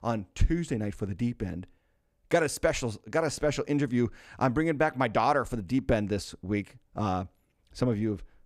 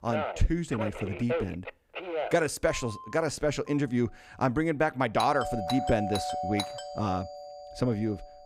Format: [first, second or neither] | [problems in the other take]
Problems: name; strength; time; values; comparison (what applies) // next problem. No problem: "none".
first | alarms or sirens; loud; throughout; 6 dB below the speech